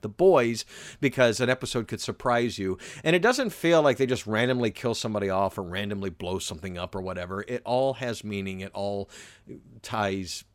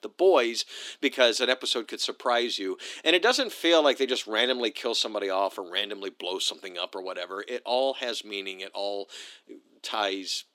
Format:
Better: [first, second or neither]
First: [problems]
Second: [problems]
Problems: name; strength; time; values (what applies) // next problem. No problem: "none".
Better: first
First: none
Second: thin; somewhat; fading below 300 Hz